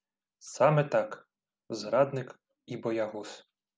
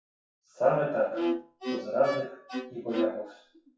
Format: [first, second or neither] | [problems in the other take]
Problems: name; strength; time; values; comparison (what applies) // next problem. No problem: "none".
first | noise reduction (classical method WPE with log-MMSE)